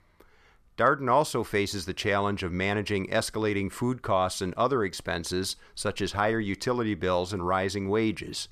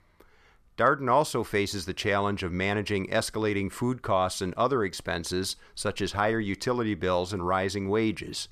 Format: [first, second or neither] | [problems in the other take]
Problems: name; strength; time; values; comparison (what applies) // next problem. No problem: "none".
neither | none